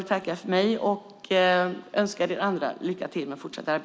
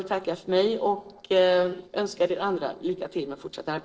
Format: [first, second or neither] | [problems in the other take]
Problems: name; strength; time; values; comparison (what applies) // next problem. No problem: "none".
first | noise reduction (neural separator model SepFormer DNS4)